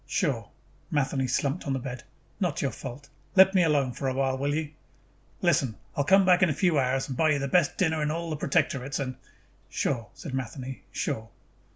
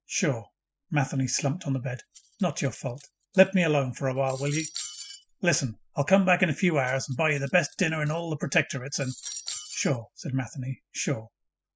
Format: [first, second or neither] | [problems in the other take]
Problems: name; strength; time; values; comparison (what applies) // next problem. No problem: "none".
first | noise reduction (classical method spectral subtraction)